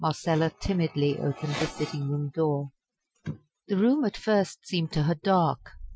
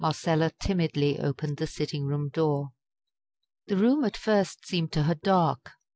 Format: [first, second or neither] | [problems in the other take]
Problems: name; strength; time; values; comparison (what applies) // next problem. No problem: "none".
second | noise reduction (classical method Wiener filter)